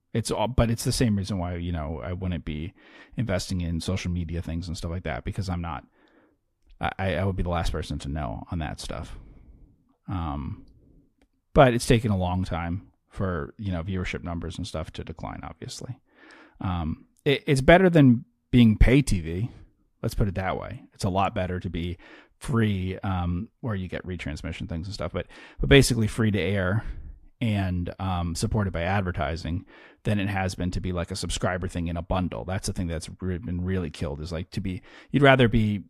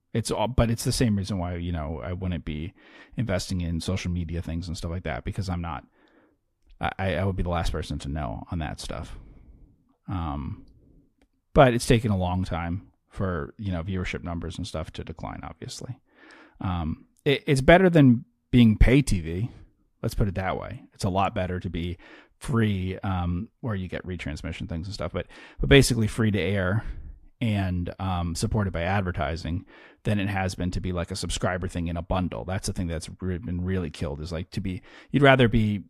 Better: neither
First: none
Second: none

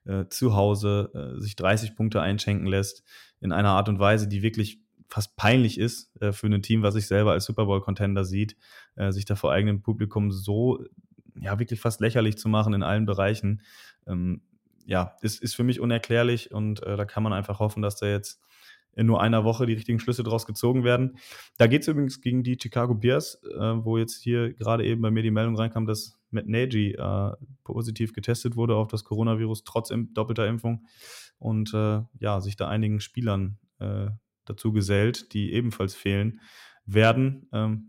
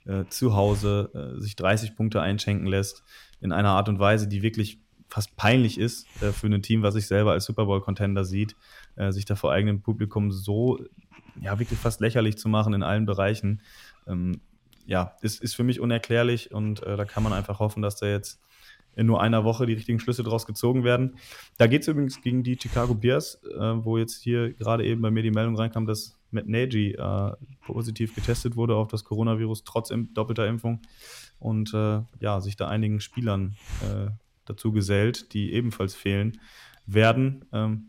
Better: first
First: none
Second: hiss; noticeable; throughout; 15 dB below the speech

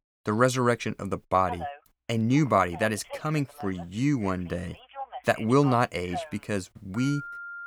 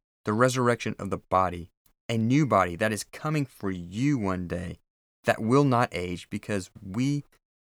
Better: second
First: phone ringing; noticeable; from 1.5 s on; peak 10 dB below the speech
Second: none

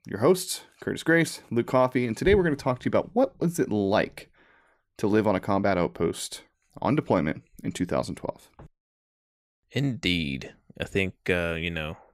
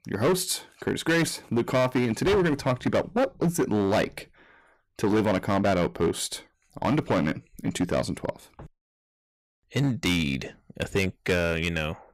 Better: first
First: none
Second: distortion; heavy; 9% of the sound clipped

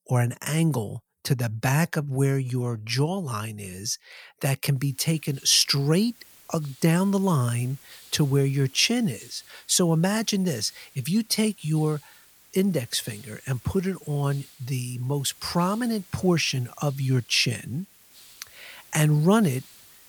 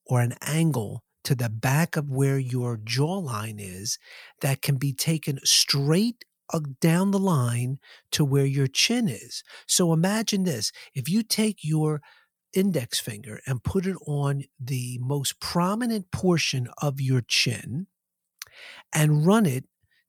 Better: second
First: hiss; faint; from 5 s on; 25 dB below the speech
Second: none

